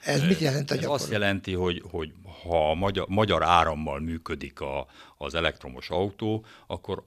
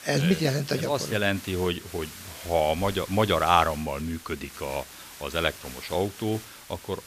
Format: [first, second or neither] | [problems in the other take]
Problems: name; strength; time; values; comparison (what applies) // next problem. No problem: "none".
first | hiss; noticeable; throughout; 15 dB below the speech